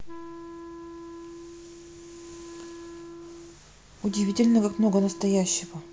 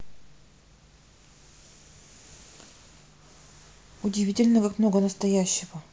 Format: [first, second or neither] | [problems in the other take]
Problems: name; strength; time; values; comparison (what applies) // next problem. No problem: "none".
second | background sound (Wind instrument, woodwind instrument); 14 dB below the speech